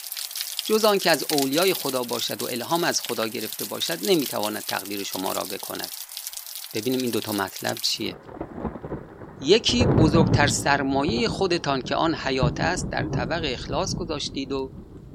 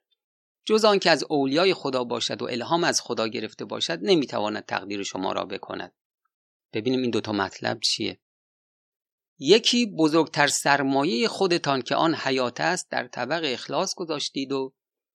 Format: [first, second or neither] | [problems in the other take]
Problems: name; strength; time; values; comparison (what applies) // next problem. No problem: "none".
second | rain or running water; loud; throughout; 5 dB below the speech